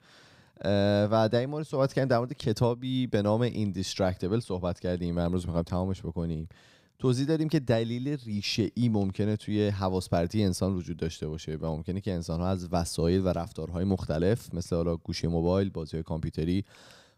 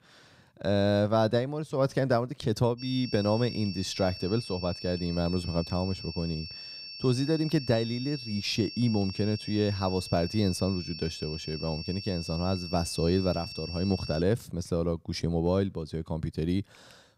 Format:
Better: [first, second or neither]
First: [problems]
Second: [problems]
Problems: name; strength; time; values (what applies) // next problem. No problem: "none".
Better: first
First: none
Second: high-pitched whine; loud; from 3 to 14 s; 5.5 kHz, 10 dB below the speech